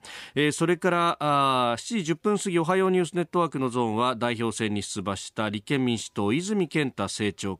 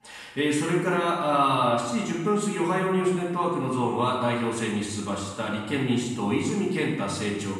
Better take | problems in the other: first | room echo; noticeable; dies away in 1 s // off-mic speech; far

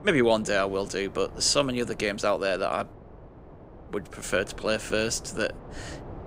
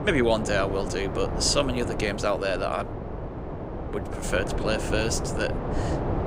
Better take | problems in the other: first | wind noise on the microphone; heavy; 7 dB below the speech; occasional gusts in the first

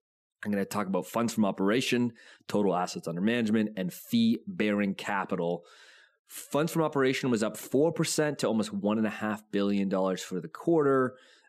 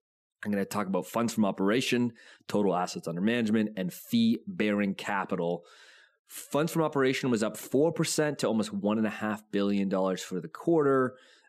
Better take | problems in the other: neither | none

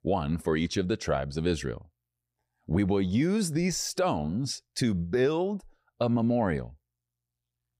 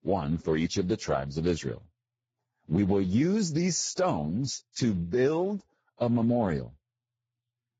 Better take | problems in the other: first | garbled, watery; badly; nothing above 7.5 kHz

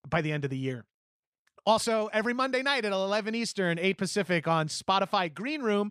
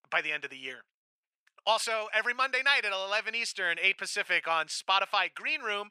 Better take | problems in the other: first | thin; very; fading below 750 Hz

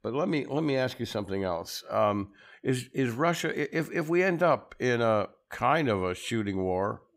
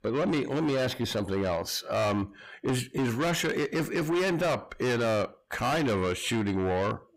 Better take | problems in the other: first | distortion; heavy; 6 dB below the speech

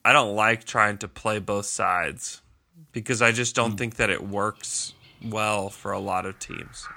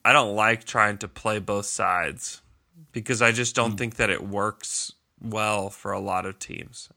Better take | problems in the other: second | animal sounds; faint; from 4.5 s on; 25 dB below the speech

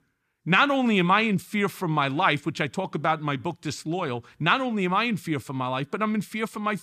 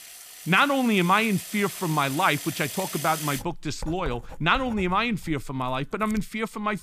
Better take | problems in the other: first | household noises; noticeable; throughout; 10 dB below the speech

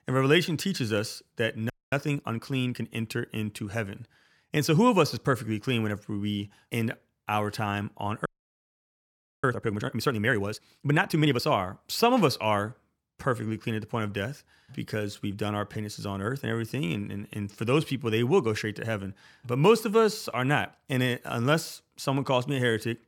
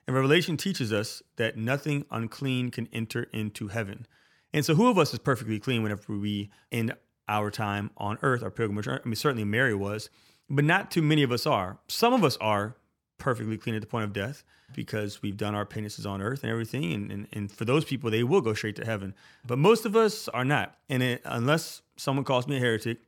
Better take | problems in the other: second | audio freezing; at 1.5 s and at 8.5 s for 1 s

